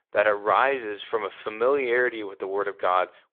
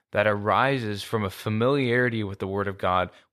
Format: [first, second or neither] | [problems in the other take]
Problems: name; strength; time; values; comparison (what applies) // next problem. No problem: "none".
second | phone-call audio; nothing above 3.5 kHz